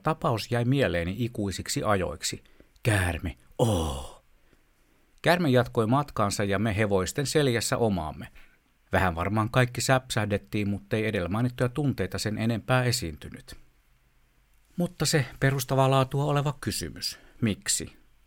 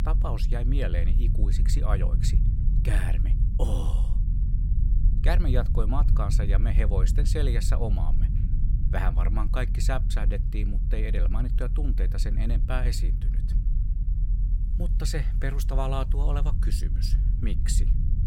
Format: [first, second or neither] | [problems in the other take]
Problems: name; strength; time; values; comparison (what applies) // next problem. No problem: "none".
first | low rumble; loud; throughout; 8 dB below the speech